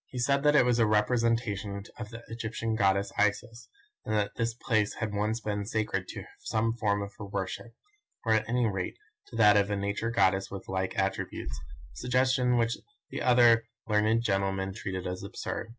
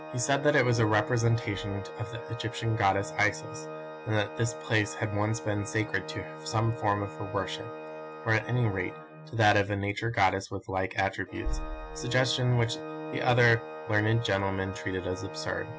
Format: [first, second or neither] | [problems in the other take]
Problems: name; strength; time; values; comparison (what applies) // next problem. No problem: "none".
first | background sound (Organ); 11 dB below the speech